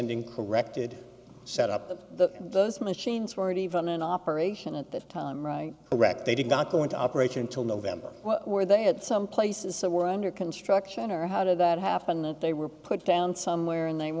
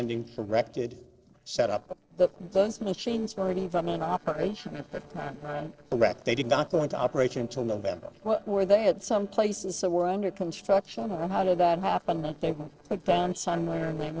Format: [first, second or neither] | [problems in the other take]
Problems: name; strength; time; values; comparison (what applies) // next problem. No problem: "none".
first | noise reduction (neural separator model SepFormer DNS4)